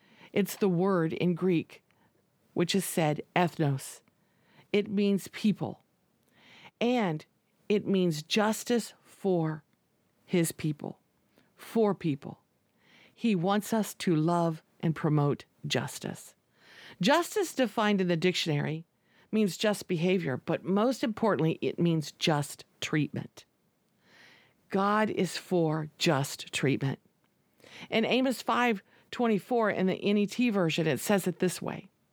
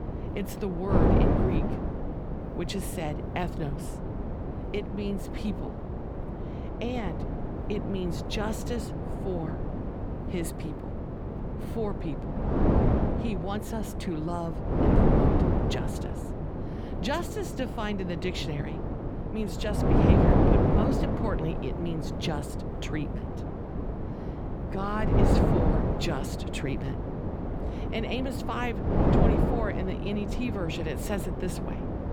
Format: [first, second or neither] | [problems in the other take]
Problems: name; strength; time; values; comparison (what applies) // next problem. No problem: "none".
first | wind noise on the microphone; heavy; 2 dB above the speech